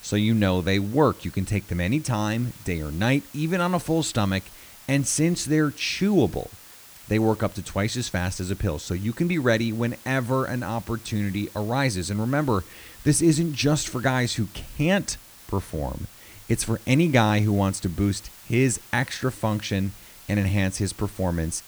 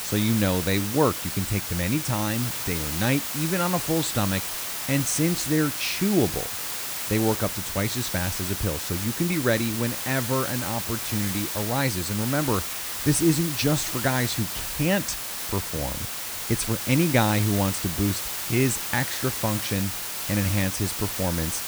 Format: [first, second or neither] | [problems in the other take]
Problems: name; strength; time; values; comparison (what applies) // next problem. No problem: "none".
first | hiss; loud; throughout; 2 dB below the speech; faint in the first